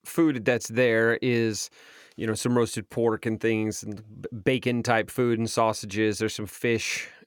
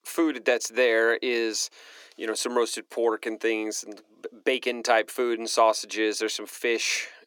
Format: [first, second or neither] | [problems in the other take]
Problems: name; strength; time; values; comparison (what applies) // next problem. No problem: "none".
first | thin; somewhat; fading below 300 Hz